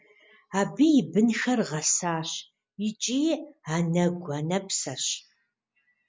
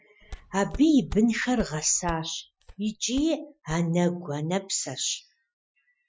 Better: first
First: none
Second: noise reduction (classical method Wiener filter)

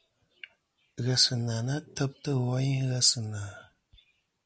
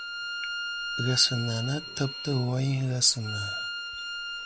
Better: first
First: none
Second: background sound (Bowed string instrument); 6 dB below the speech

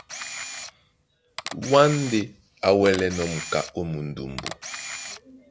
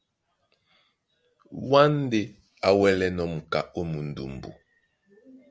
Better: second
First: background sound (Camera); 12 dB below the speech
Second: none

